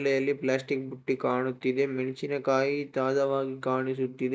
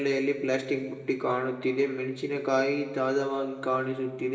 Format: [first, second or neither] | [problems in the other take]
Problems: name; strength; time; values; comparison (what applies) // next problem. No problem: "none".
first | room echo; dies away in 1.7 s